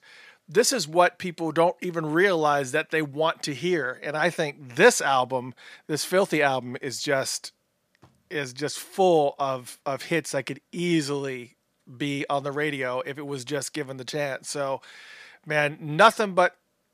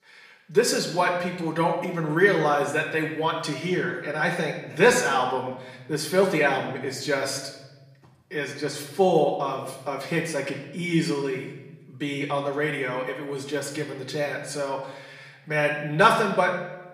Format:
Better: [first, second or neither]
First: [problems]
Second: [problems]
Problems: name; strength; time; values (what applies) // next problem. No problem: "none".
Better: first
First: none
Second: off-mic speech; far // room echo; noticeable; dies away in 0.9 s